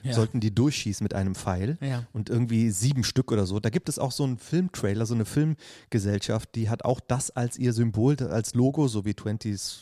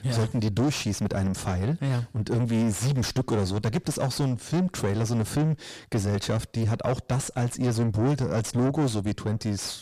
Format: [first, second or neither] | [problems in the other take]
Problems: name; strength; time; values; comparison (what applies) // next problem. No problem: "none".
first | distortion; heavy; 7 dB below the speech